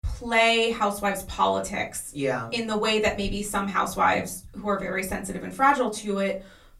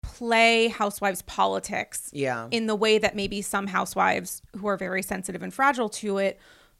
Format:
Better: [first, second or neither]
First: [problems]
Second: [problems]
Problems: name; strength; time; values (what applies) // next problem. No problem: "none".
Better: second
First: off-mic speech; far // room echo; very slight; dies away in 0.3 s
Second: none